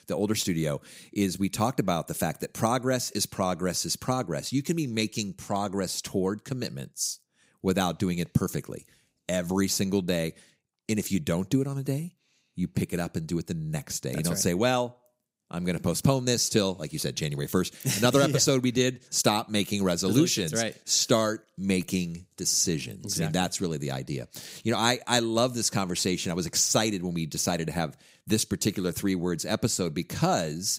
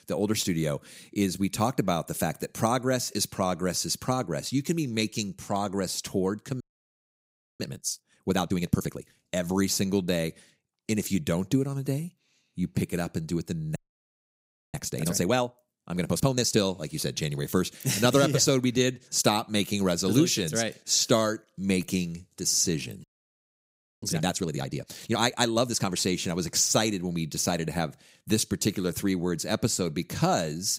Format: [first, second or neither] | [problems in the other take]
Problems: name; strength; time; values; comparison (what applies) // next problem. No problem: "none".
first | audio freezing; at 6.5 s for 1 s, at 14 s for 1 s and at 23 s for 1 s